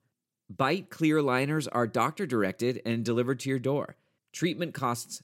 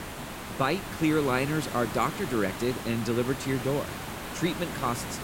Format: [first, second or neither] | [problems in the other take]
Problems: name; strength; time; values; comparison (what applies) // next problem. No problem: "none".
first | hiss; loud; throughout; 7 dB below the speech